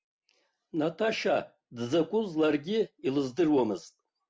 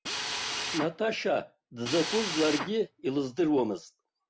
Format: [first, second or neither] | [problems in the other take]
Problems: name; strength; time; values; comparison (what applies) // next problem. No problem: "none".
first | background sound (Drill); 5 dB below the speech